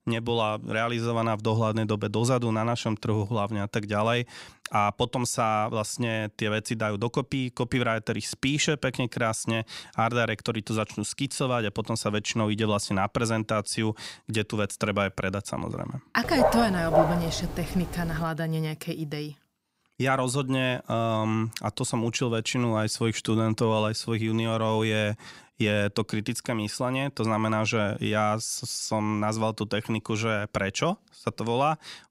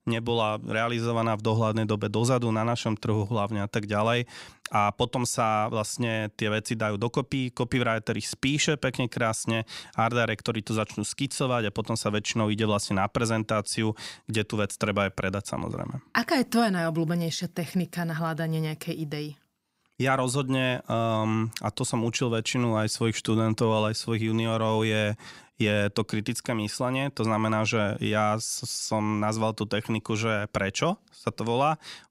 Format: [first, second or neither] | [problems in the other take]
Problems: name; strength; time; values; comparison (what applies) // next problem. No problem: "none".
second | dog barking; loud; from 16 to 18 s; peak 3 dB above the speech